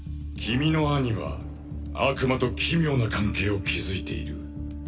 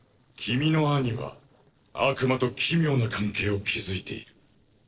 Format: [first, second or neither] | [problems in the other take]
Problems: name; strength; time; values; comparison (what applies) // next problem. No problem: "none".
first | noise reduction (neural separator model SepFormer DNS4)